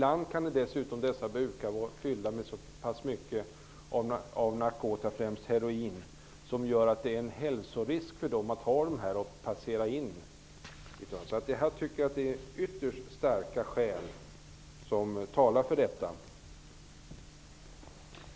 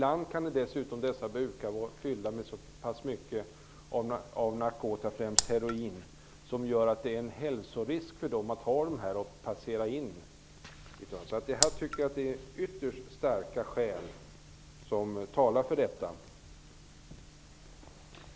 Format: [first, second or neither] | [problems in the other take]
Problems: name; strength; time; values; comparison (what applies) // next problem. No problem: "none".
first | background sound (Raindrop); 3 dB above the speech